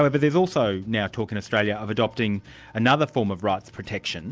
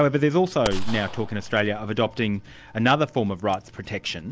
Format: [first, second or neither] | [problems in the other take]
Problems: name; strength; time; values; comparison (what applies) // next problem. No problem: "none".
first | background sound (Gunshot, gunfire); 9 dB below the speech